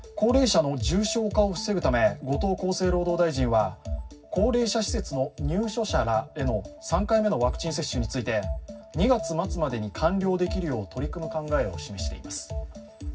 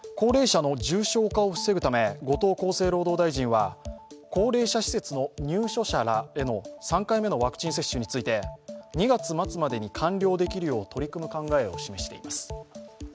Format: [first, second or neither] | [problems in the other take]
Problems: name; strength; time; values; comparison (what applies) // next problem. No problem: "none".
second | room echo; dies away in 0.4 s